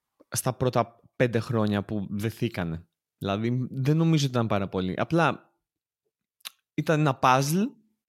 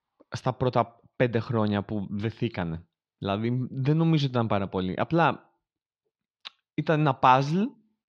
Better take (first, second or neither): first